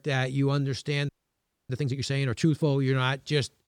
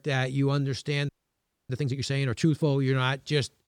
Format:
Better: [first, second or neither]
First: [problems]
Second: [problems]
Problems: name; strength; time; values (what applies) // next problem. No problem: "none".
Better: neither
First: audio freezing; at 1 s for 0.5 s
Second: audio freezing; at 1 s for 0.5 s